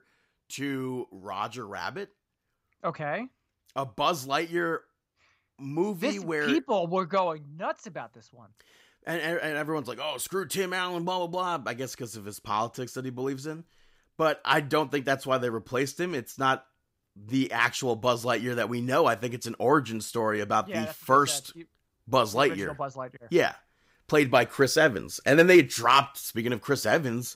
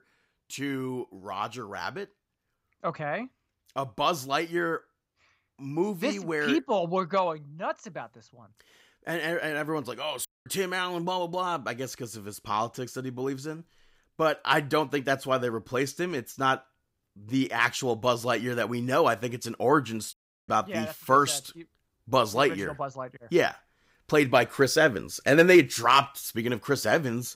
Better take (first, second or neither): first